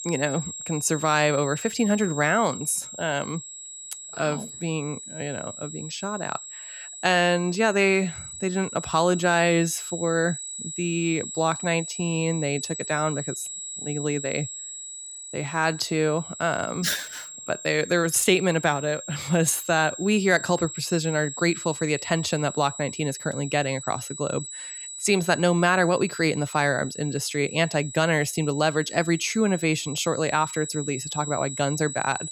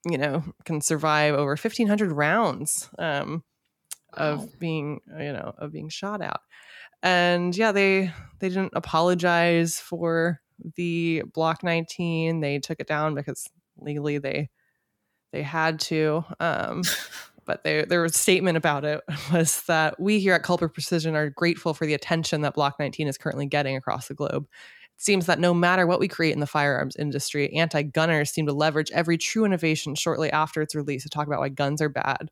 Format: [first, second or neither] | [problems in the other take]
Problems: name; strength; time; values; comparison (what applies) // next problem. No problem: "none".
second | high-pitched whine; loud; throughout; 7.5 kHz, 10 dB below the speech